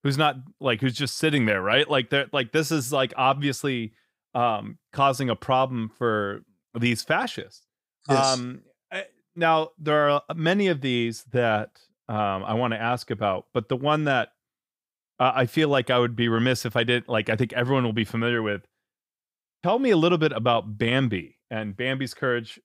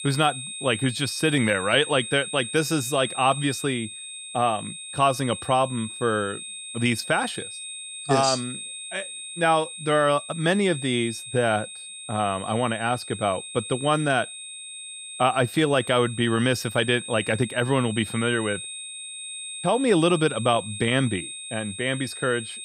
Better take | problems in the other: first | high-pitched whine; loud; throughout; 3.5 kHz, 10 dB below the speech

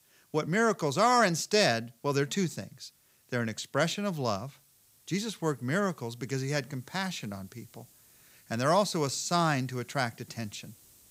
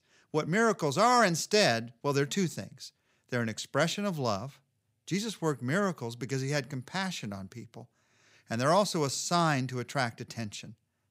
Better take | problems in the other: second | hiss; faint; throughout; 30 dB below the speech

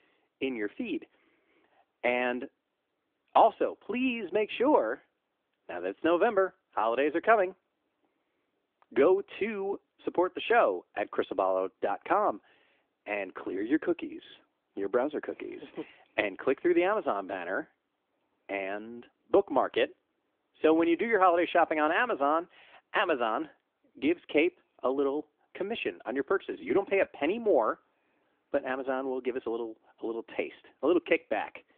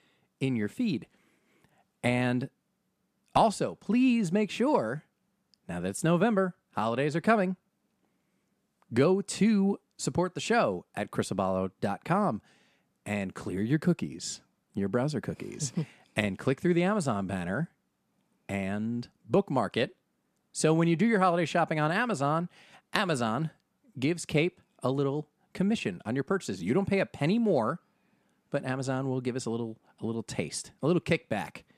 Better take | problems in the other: second | phone-call audio; nothing above 3.5 kHz

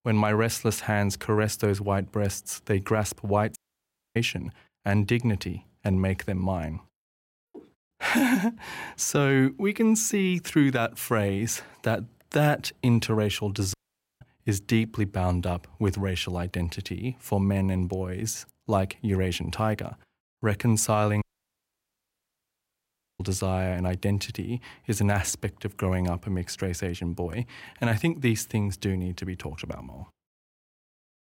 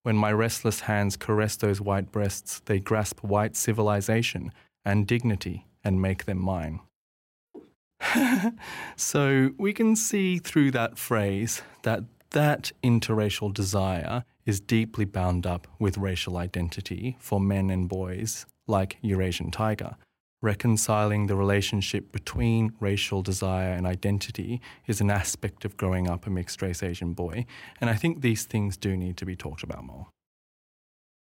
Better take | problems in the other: second | audio cutting out; at 3.5 s for 0.5 s, at 14 s and at 21 s for 2 s

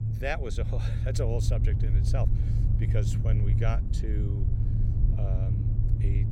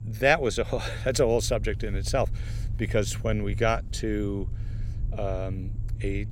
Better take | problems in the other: second | low rumble; loud; throughout; 3 dB below the speech; faint in the second

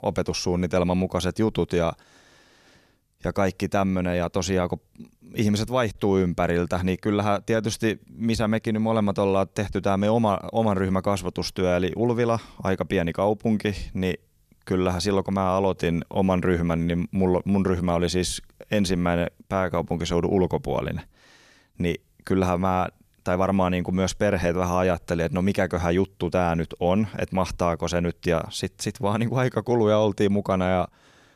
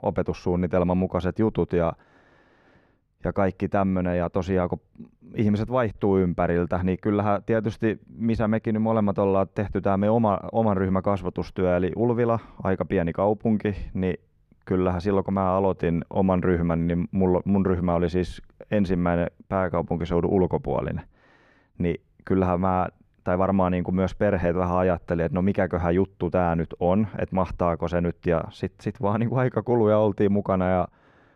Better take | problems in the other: first | muffled; very; fading above 3.5 kHz

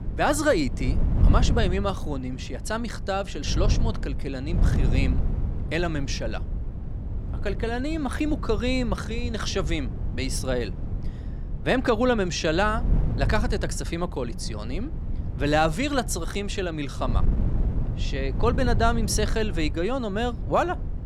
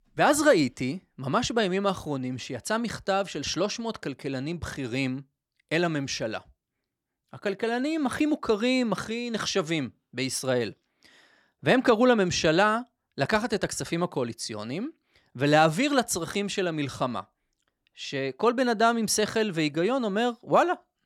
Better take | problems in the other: second | wind noise on the microphone; occasional gusts; 15 dB below the speech

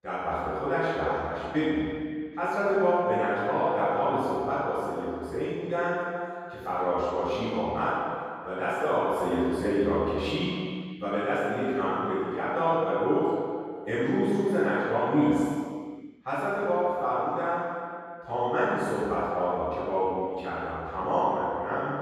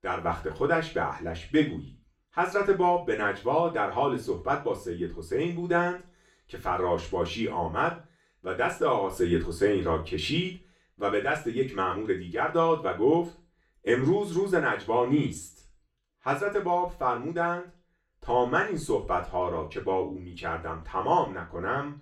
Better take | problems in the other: second | room echo; strong; dies away in 2.1 s; slight in the second // off-mic speech; far; far in the second

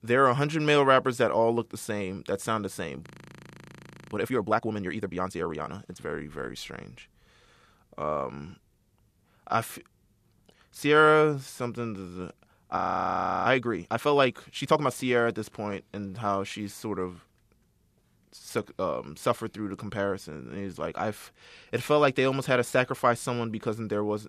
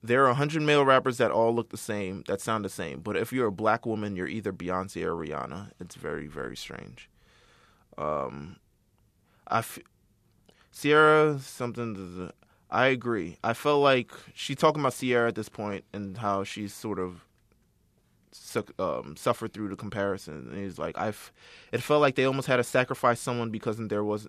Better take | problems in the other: second | audio freezing; at 3 s for 1 s and at 13 s for 0.5 s

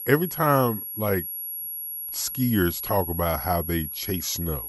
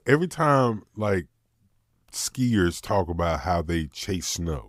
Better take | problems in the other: second | high-pitched whine; loud; throughout; 11.5 kHz, 5 dB below the speech

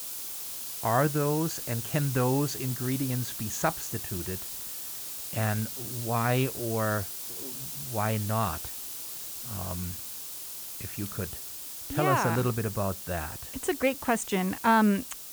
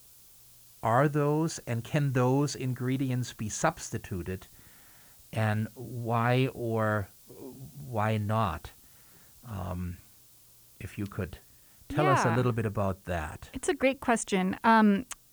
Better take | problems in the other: second | hiss; loud; throughout; 5 dB below the speech; faint in the second

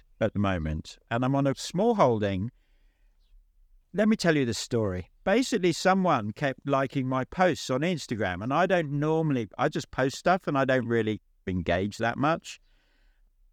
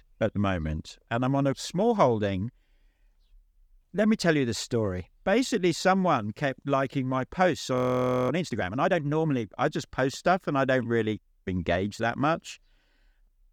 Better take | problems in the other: first | audio freezing; at 8 s for 0.5 s

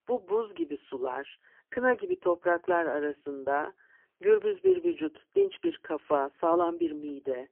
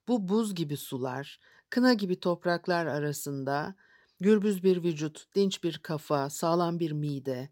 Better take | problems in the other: second | phone-call audio; poor line; nothing above 3.5 kHz

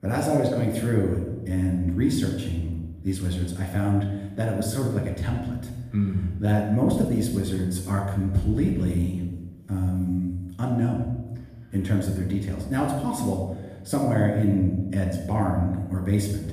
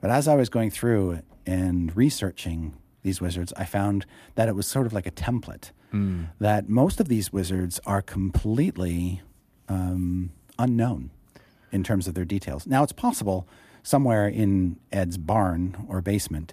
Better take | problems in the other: second | off-mic speech; far // room echo; noticeable; dies away in 1.1 s

